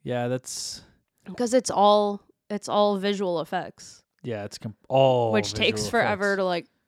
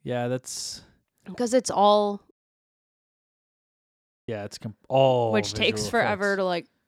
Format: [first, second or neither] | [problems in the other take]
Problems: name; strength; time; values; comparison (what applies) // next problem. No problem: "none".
first | audio cutting out; at 2.5 s for 2 s